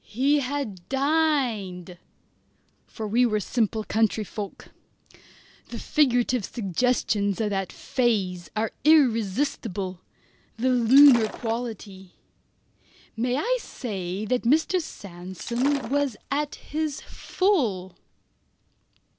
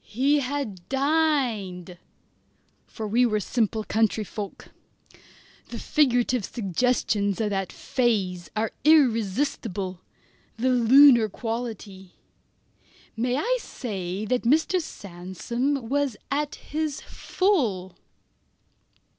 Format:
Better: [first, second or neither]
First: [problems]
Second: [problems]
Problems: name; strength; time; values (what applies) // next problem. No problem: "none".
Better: second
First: background sound (Shatter); 14 dB below the speech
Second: none